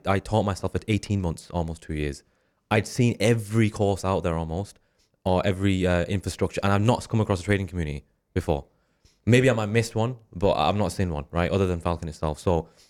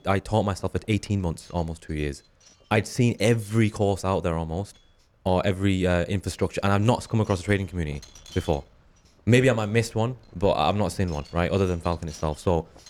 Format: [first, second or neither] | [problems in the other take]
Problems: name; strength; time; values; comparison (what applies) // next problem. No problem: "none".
first | wind noise on the microphone; occasional gusts; 25 dB below the speech